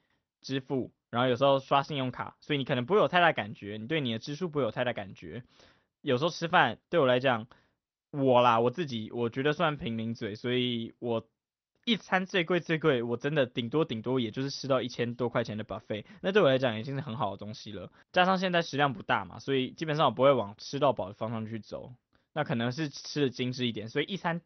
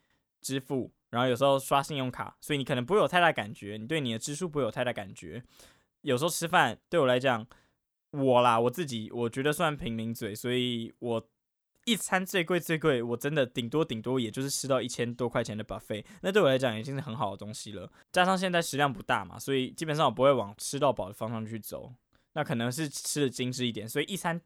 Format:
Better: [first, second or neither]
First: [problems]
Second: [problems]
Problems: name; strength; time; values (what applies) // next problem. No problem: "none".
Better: second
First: garbled, watery; slightly; nothing above 6 kHz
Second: none